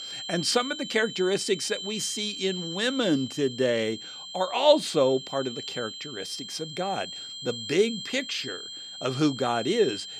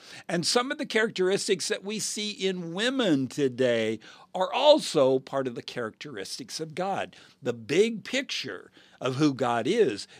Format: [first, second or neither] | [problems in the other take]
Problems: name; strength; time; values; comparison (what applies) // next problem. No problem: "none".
second | high-pitched whine; loud; throughout; 3 kHz, 9 dB below the speech